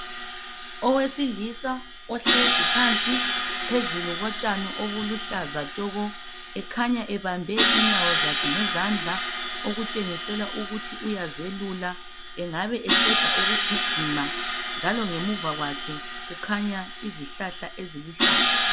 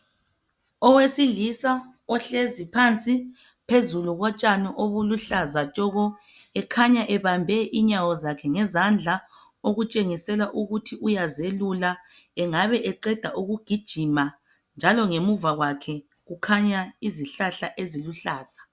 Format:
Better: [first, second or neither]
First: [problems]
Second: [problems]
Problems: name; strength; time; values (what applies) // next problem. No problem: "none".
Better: second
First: background sound (Crash cymbal); 2 dB above the speech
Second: none